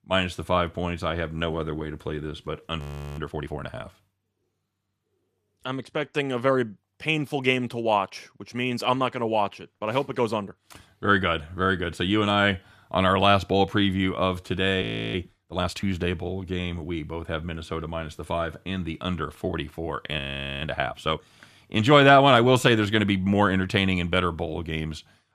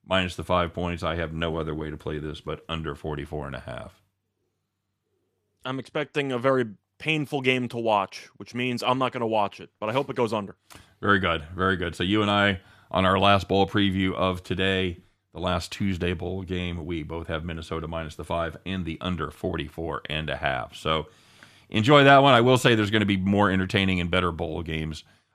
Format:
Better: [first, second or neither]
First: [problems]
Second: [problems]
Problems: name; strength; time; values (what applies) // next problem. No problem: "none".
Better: second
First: audio freezing; at 3 s, at 15 s and at 20 s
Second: none